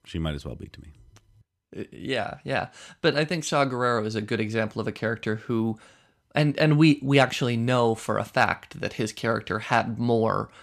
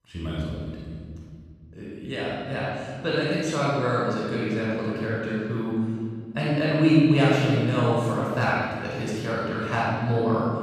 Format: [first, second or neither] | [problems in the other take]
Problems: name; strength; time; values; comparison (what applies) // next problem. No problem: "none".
first | off-mic speech; far // room echo; strong; dies away in 2.3 s